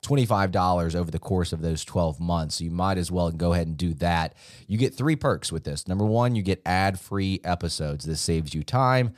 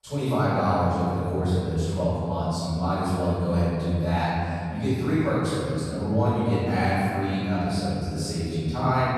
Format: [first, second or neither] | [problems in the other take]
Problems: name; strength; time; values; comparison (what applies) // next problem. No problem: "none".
first | off-mic speech; far // room echo; strong; dies away in 2.8 s